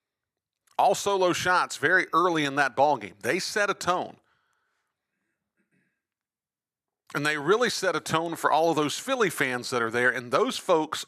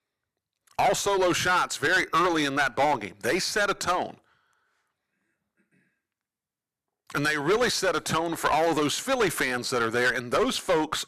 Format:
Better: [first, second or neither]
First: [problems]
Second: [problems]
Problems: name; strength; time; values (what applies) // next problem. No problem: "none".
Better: first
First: none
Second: distortion; heavy; 9% of the sound clipped